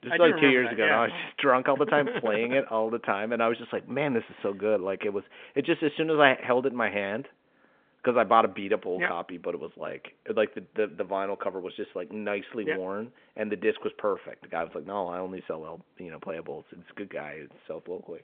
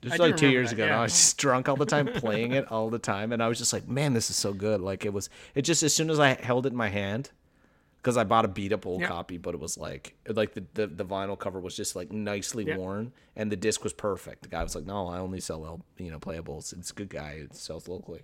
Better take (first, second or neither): second